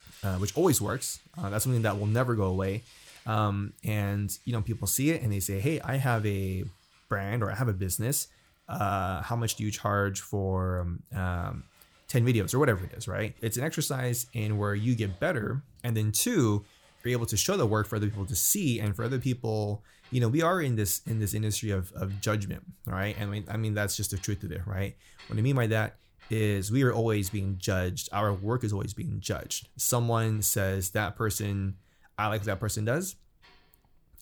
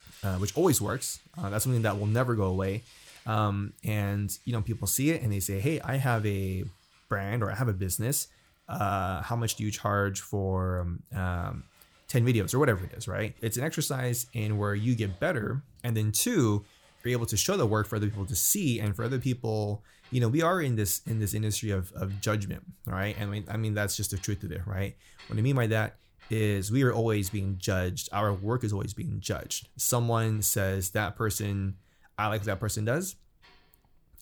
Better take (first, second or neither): neither